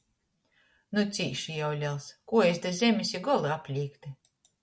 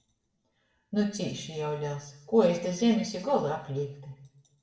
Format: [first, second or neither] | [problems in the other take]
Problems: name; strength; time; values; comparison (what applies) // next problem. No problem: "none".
first | room echo; dies away in 0.7 s